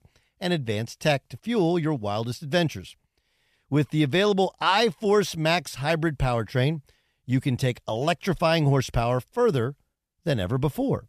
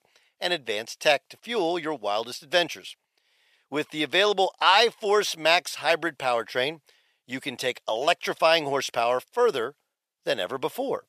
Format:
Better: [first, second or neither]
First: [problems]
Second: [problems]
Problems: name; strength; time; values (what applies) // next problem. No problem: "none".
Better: first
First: none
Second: thin; very; fading below 550 Hz